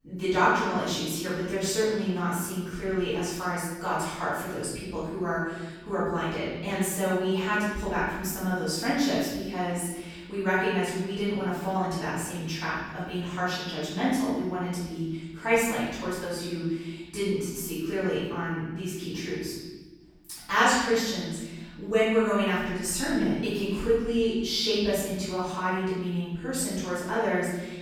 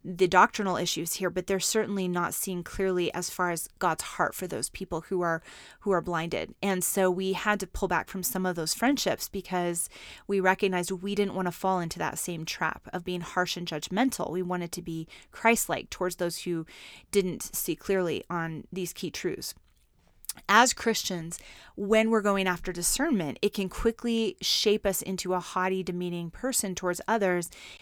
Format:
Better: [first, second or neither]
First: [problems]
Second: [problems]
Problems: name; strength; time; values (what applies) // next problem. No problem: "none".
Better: second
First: off-mic speech; far // room echo; strong; dies away in 1.3 s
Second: none